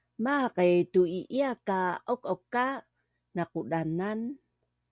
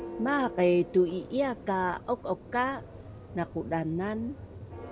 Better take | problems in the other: first | background sound (Church bell); 13 dB below the speech

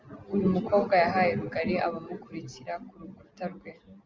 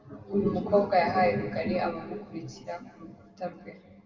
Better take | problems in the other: first | room echo; dies away in 1.4 s

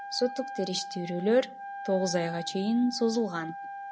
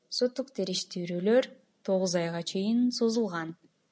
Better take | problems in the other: second | background sound (Wind instrument, woodwind instrument); 11 dB below the speech

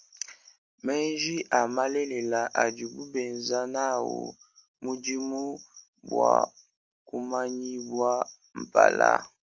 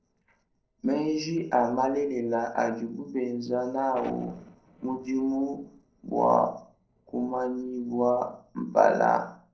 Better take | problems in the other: first | noise reduction (neural separator model SepFormer DNS4)

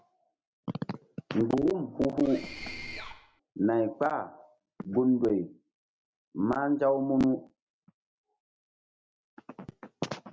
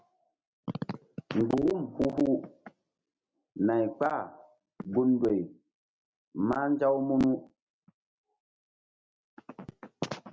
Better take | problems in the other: second | background sound (Mechanisms); 11 dB below the speech

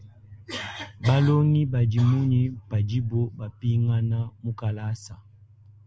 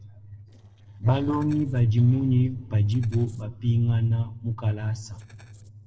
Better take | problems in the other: first | noise reduction (neural separator model SepFormer DNS4)

